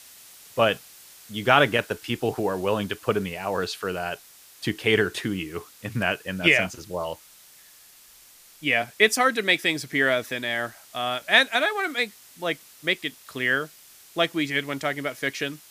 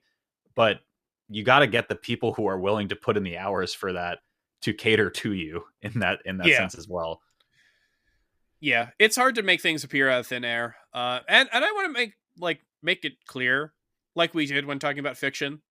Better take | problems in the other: second | hiss; faint; throughout; 25 dB below the speech

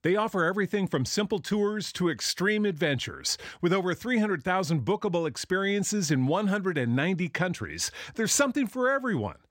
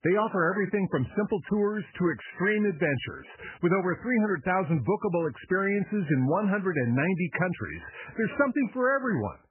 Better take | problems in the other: first | garbled, watery; badly; nothing above 3 kHz

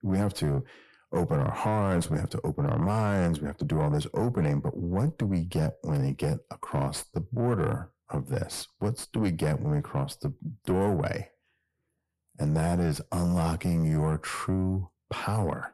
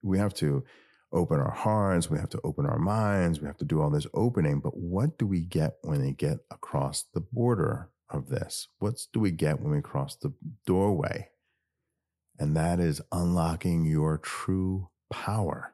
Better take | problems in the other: second | distortion; slight; 10 dB below the speech

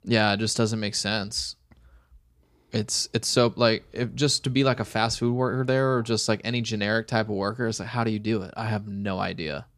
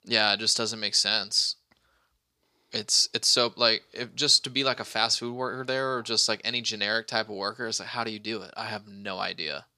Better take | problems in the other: first | thin; somewhat; fading below 750 Hz

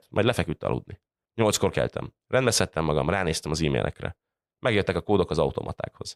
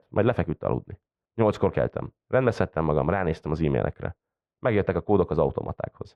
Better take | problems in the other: first | muffled; very; fading above 3.5 kHz

